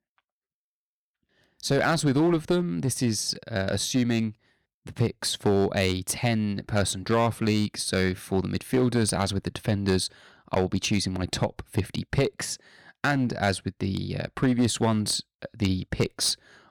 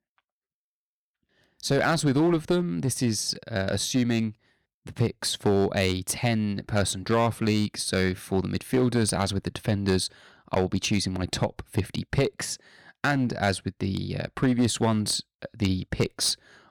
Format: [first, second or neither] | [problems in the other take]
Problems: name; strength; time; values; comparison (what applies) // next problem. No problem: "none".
neither | distortion; slight; 4% of the sound clipped; the same in both